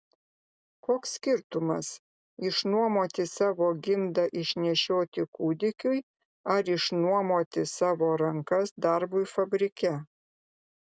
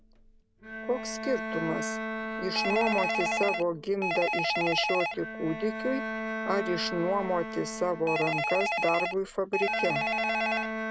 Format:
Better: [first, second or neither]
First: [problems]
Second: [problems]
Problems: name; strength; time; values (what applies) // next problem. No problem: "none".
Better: first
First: none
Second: background sound (Bowed string instrument + Telephone); as loud as the speech